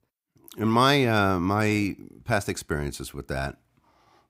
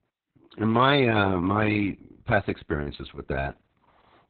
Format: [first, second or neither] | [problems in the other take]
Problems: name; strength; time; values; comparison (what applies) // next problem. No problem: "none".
first | garbled, watery; badly; nothing above 3.5 kHz